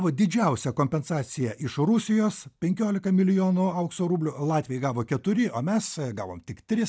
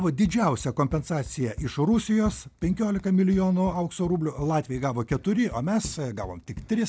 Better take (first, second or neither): first